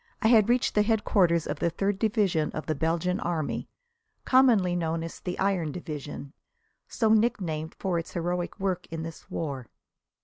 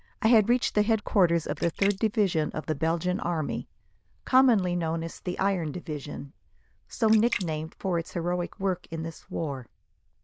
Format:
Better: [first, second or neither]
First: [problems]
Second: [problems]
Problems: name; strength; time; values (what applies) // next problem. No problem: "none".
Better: first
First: none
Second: noise reduction (neural diffusion model UNIVERSE++)